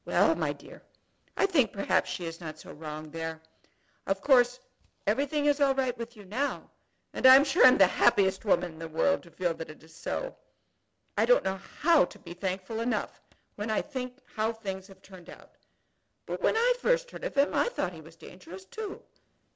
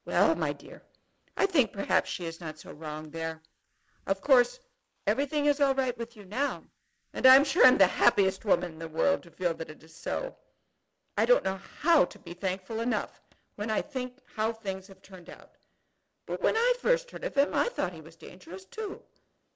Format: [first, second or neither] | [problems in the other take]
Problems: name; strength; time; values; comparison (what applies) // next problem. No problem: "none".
first | noise reduction (neural mask model Resemble Enhance denoiser)